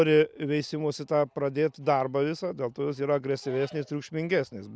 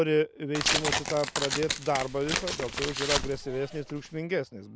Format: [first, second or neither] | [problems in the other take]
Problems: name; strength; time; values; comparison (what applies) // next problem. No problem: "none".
first | background sound (Tearing); 1 dB below the speech